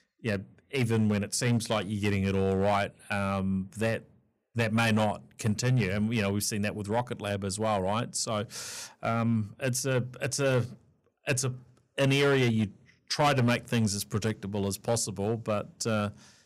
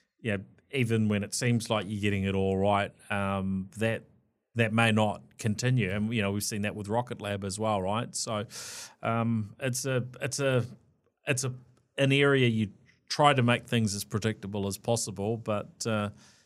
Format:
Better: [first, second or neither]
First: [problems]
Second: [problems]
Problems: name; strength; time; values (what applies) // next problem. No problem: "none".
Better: second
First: distortion; slight; 5% of the sound clipped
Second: none